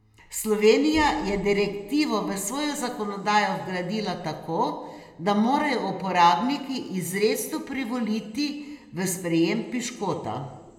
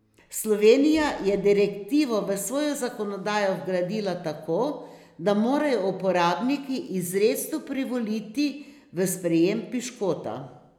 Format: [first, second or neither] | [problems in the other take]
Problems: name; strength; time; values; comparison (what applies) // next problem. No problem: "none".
second | room echo; dies away in 0.7 s